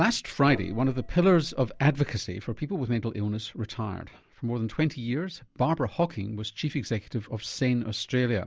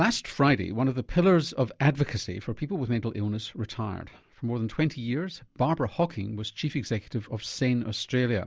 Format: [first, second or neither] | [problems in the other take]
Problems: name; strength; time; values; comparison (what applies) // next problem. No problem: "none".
second | background sound (Gong); 13 dB below the speech